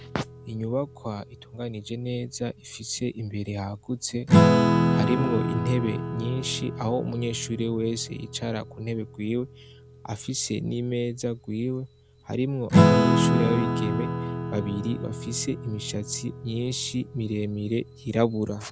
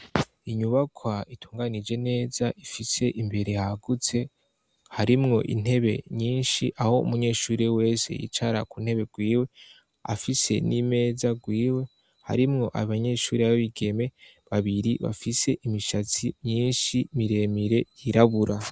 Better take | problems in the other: second | background sound (Acoustic guitar / Strum); 2 dB above the speech

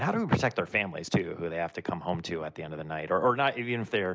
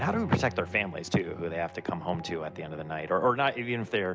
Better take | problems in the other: first | background sound (Bowed string instrument); 16 dB below the speech

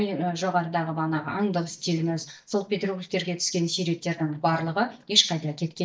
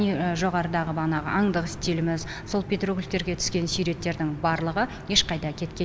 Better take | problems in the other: second | noise reduction (neural mask model DeepFilterNet 3)

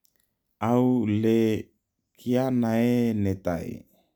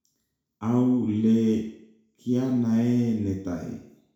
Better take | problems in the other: first | room echo; dies away in 0.6 s

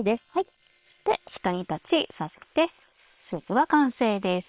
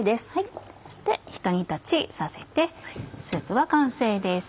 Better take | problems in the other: second | noise reduction (neural separator model SepFormer WHAM!)

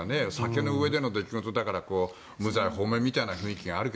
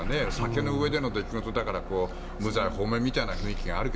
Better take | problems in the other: first | background sound (Engine starting / Bus); 5 dB below the speech

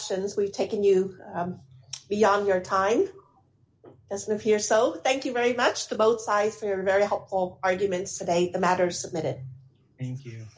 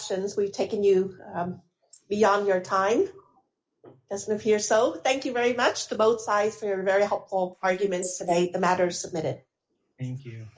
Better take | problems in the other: first | noise reduction (neural mask model Resemble Enhance denoiser)

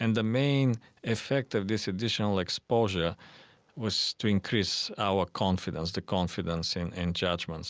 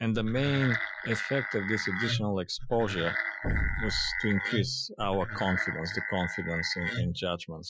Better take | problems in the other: first | noise reduction (classical method Wiener filter)

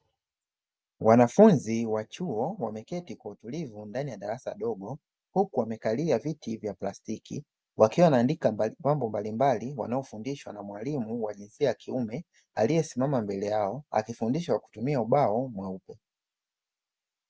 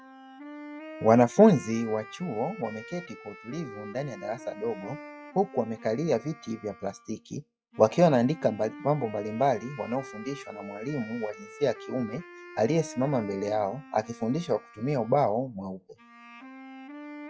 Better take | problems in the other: first | noise reduction (classical method log-MMSE)

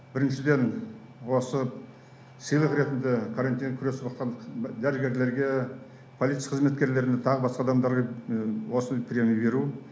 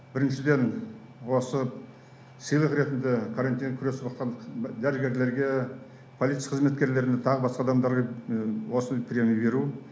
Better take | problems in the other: second | background sound (Brass instrument); 15 dB below the speech

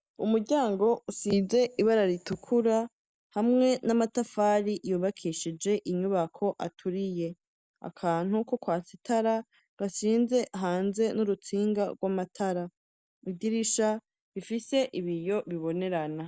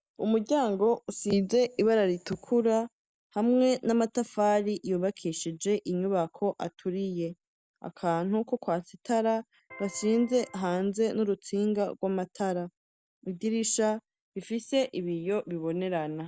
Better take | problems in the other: first | background sound (Electric guitar); 20 dB below the speech

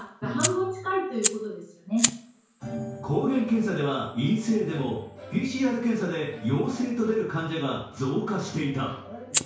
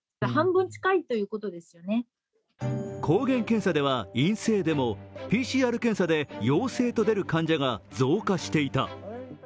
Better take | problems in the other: second | background sound (Fire); 8 dB below the speech // room echo; dies away in 0.5 s

